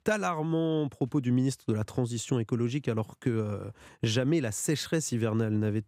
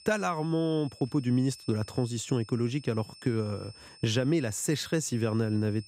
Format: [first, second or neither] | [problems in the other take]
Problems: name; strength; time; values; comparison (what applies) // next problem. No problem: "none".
first | high-pitched whine; noticeable; throughout; 5.5 kHz, 20 dB below the speech